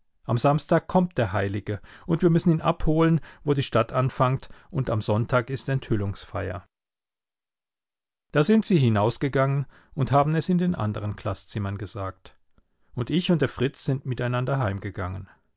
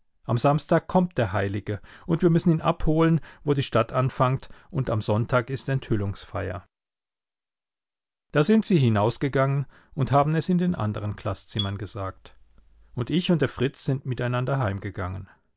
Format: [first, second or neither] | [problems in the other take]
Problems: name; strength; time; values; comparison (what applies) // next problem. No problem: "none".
first | background sound (Marimba, xylophone); 16 dB below the speech